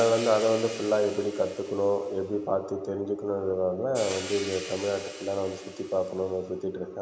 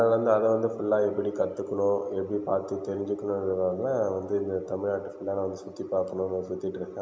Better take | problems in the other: second | background sound (Hi-hat); 15 dB below the speech

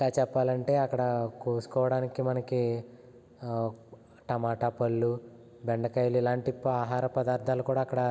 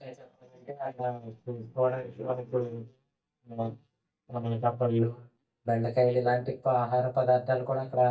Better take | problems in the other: first | noise reduction (neural mask model DeepFilterNet 3)

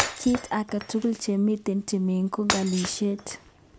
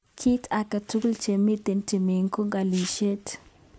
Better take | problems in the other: second | background sound (Shatter); 8 dB below the speech

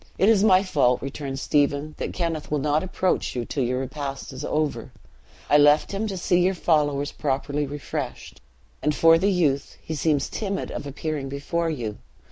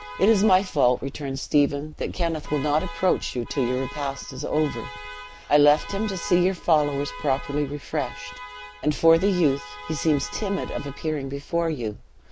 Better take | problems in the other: first | background sound (Alarm); 17 dB below the speech

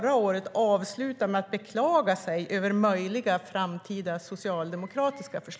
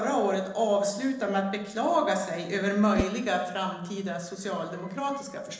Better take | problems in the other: first | noise reduction (neural separator model SepFormer DNS4)

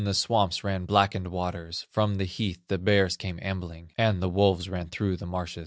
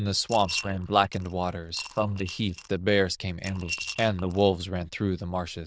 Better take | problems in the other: first | noise reduction (neural diffusion model UNIVERSE++)

